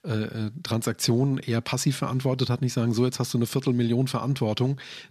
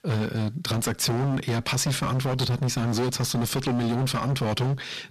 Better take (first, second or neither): first